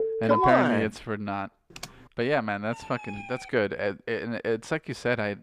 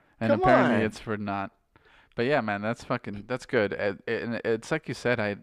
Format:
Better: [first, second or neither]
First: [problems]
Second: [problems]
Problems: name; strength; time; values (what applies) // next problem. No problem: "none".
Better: second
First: alarm; loud; at the start; peak 1 dB above the speech // keyboard typing; faint; at 1.5 s; peak 15 dB below the speech // siren; faint; at 2.5 s; peak 15 dB below the speech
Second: none